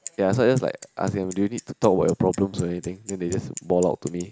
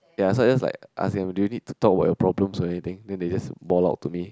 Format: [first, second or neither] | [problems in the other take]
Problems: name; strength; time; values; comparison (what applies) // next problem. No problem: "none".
second | background sound (Bicycle); 19 dB below the speech